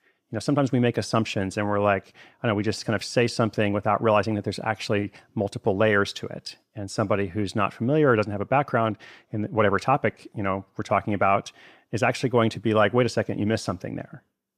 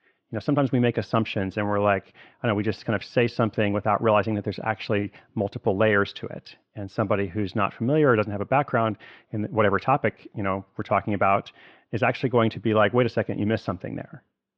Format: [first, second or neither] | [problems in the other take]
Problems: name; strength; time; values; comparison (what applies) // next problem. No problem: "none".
first | muffled; slightly; fading above 3.5 kHz